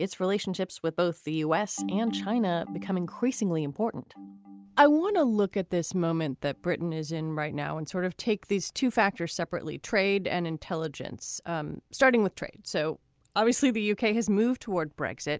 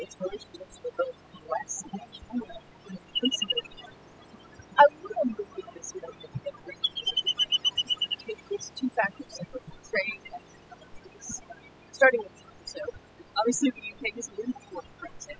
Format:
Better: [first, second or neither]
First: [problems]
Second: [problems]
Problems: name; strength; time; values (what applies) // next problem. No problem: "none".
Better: first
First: none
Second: noise reduction (classical method spectral subtraction)